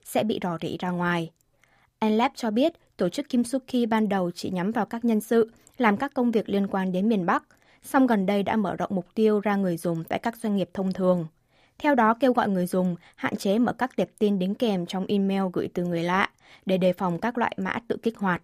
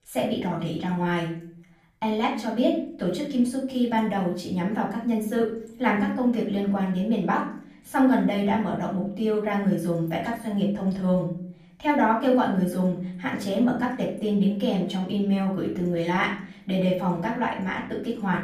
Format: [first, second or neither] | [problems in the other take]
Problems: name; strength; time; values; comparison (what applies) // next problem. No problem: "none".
first | off-mic speech; far // room echo; slight; dies away in 0.5 s